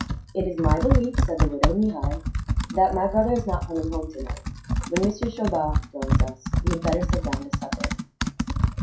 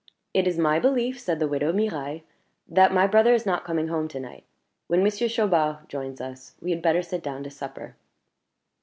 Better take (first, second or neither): second